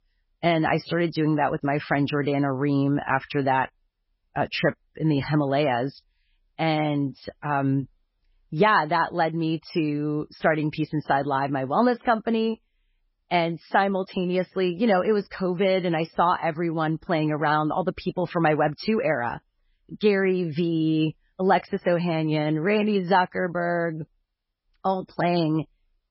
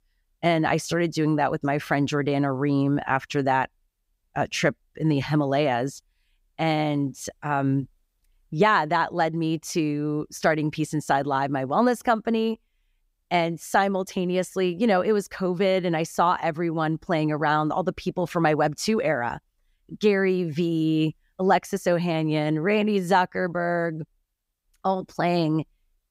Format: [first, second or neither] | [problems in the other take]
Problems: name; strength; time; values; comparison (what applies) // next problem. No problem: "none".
second | garbled, watery; badly; nothing above 5.5 kHz